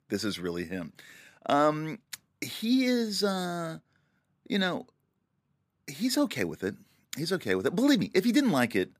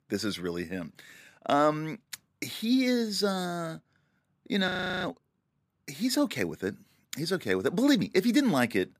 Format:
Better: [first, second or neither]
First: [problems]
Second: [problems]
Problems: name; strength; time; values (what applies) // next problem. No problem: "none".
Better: first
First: none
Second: audio freezing; at 4.5 s